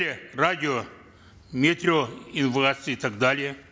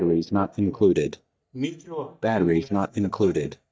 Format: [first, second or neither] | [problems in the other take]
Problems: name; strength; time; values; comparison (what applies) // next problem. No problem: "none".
first | noise reduction (neural mask model DeepFilterNet 3)